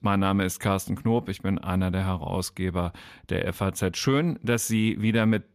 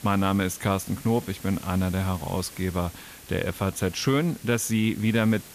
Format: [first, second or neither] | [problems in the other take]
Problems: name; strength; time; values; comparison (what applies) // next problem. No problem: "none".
first | hiss; noticeable; throughout; 15 dB below the speech